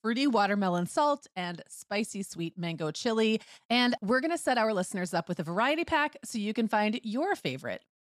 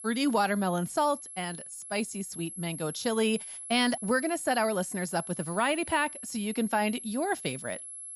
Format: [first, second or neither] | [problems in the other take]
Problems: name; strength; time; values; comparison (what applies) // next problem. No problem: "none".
first | high-pitched whine; loud; throughout; 11 kHz, 10 dB below the speech